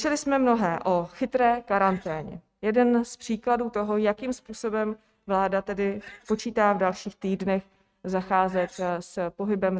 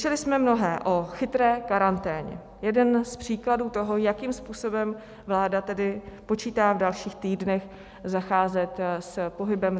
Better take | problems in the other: second | noise reduction (neural mask model RNNoise)

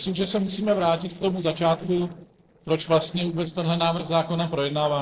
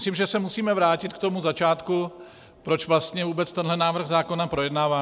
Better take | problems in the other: second | noise reduction (neural separator model SepFormer DNS4)

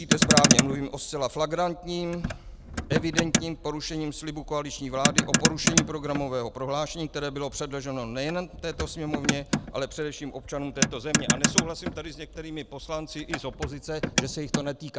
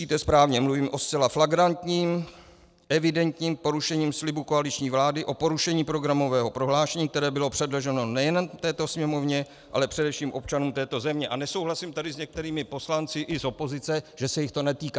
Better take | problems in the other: second | background sound (Motor vehicle (road)); 3 dB above the speech

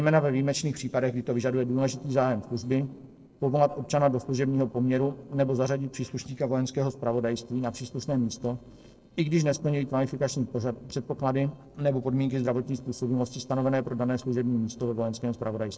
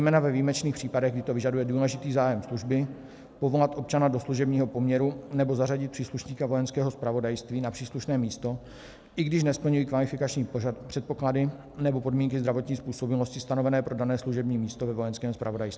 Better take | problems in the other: second | noise reduction (neural separator model SepFormer DNS4)

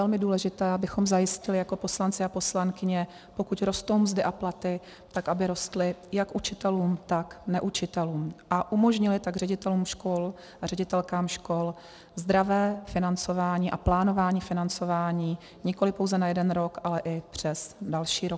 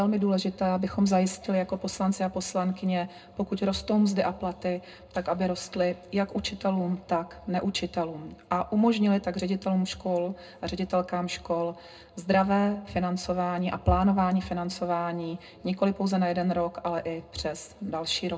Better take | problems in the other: first | room echo; dies away in 0.2 s

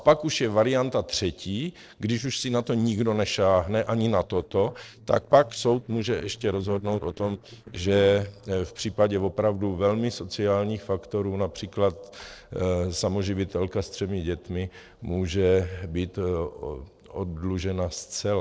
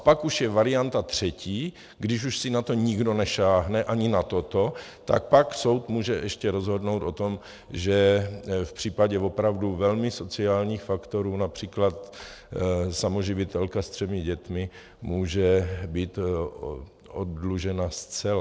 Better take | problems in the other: second | noise reduction (neural separator model SepFormer DNS4)

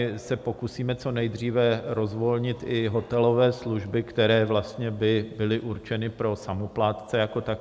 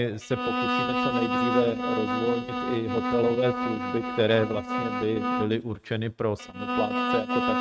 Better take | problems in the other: first | noise reduction (neural mask model RNNoise)

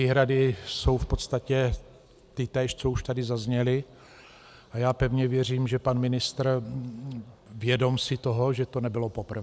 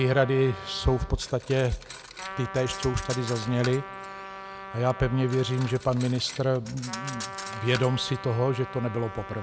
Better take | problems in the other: first | background sound (Trumpet + Cutlery, silverware); 12 dB below the speech

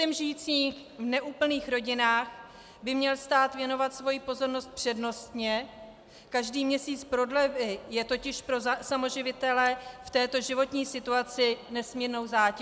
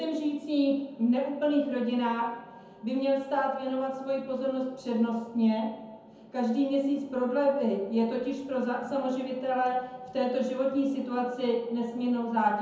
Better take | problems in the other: first | room echo; dies away in 0.9 s

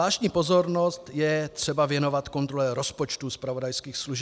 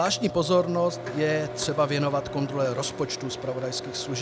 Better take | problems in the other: first | background sound (Microwave oven); 9 dB below the speech

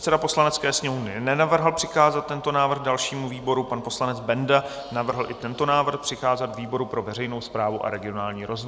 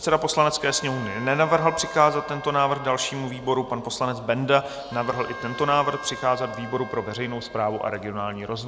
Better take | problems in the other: first | background sound (Wind instrument, woodwind instrument); 16 dB below the speech

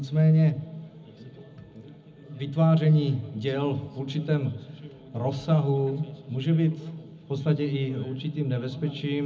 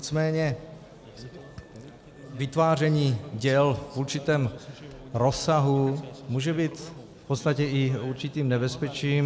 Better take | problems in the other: second | room echo; dies away in 0.4 s

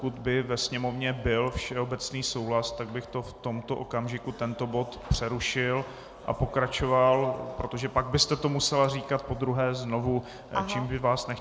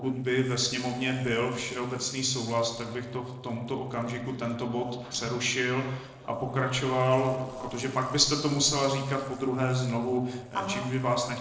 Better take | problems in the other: first | noise reduction (neural separator model SepFormer DNS4)

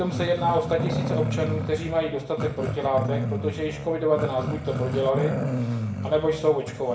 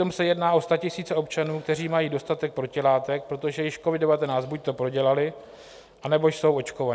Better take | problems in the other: second | background sound (Growling); 3 dB below the speech // room echo; dies away in 0.4 s

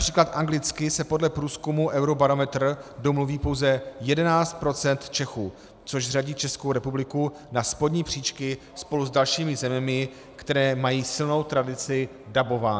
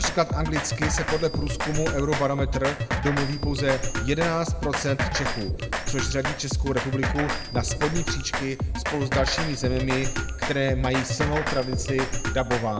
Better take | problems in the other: first | background sound (Drum kit); 1 dB below the speech // room echo; dies away in 0.8 s

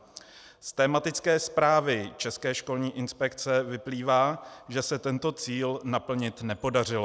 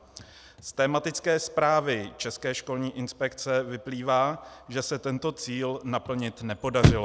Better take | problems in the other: first | background sound (Chirp, tweet / Slam / Car); 5 dB below the speech

